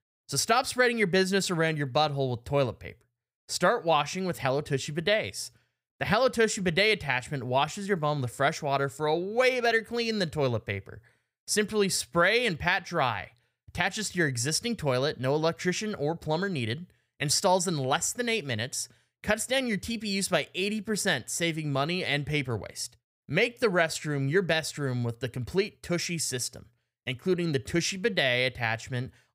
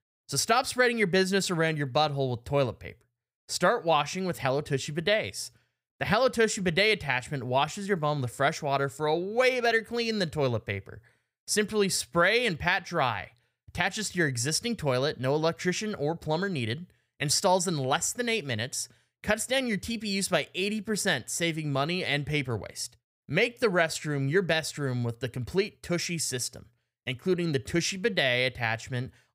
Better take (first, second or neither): neither